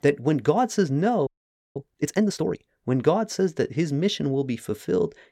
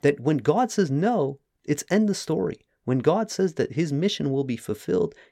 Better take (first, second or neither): second